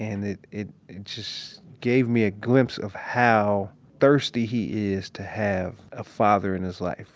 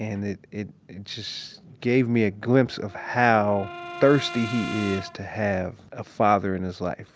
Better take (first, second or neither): first